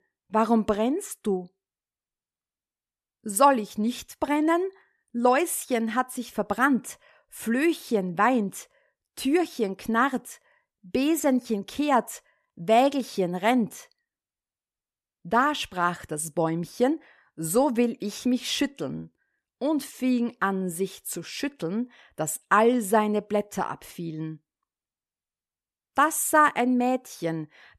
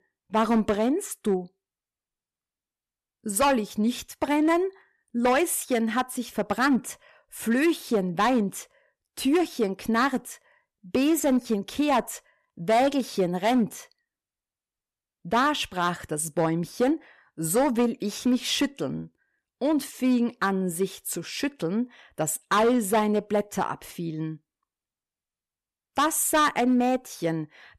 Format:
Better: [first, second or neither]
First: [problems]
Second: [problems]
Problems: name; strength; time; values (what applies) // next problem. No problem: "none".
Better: first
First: none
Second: distortion; slight; 5% of the sound clipped